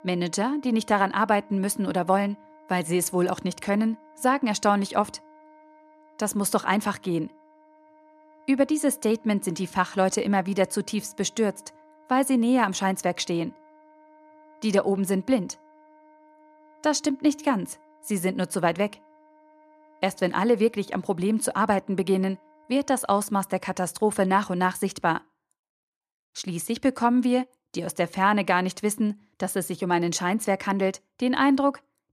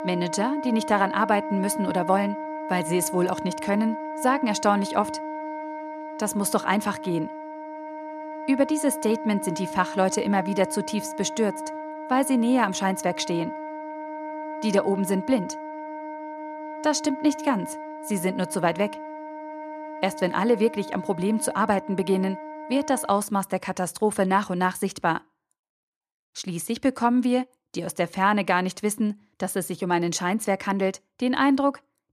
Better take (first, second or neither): first